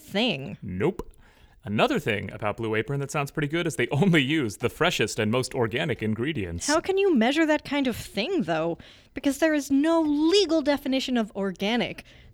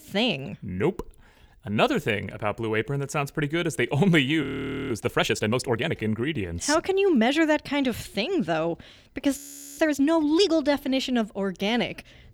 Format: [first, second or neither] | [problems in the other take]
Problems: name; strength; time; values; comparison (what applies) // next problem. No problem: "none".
first | audio freezing; at 4.5 s and at 9.5 s